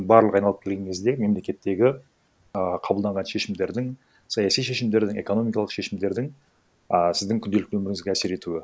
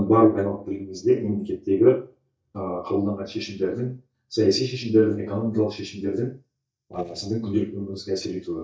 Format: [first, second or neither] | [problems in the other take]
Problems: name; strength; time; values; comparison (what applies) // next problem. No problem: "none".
first | noise reduction (neural mask model DeepFilterNet 3)